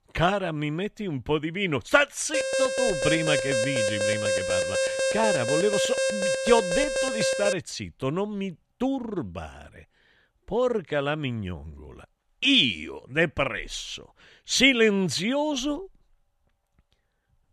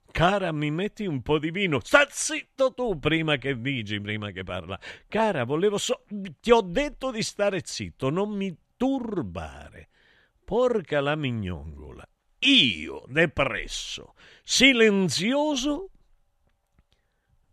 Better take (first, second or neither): second